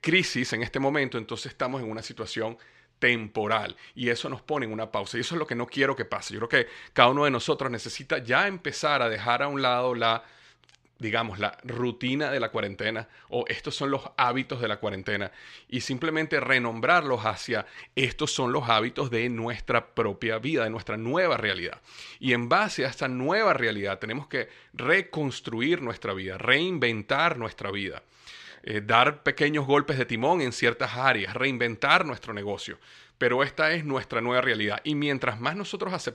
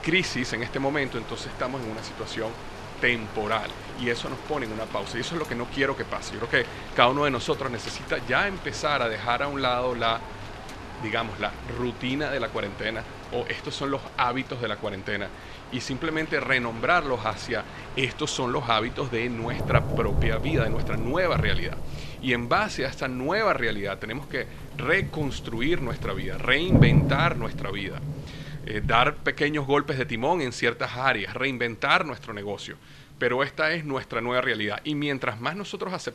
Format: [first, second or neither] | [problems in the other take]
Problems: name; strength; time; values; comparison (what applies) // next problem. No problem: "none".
first | rain or running water; loud; throughout; 7 dB below the speech